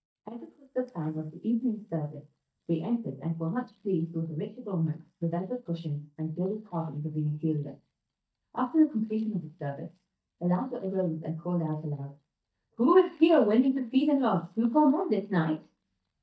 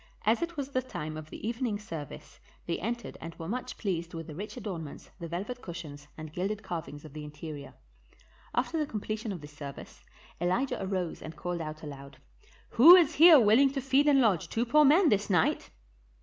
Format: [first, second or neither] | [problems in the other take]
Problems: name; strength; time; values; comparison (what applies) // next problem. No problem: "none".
second | noise reduction (neural mask model DeepFilterNet 3)